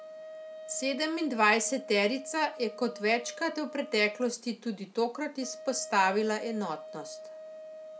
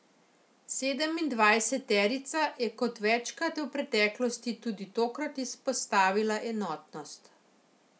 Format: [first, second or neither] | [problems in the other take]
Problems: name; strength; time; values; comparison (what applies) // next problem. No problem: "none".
second | background sound (Wind instrument, woodwind instrument); 14 dB below the speech